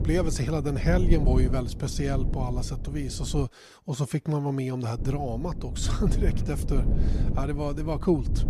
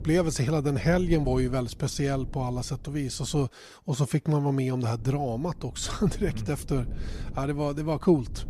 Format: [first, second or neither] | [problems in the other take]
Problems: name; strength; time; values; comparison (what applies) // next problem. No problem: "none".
second | low rumble; loud; until 3.5 s and from 5 s on; 9 dB below the speech; faint in the second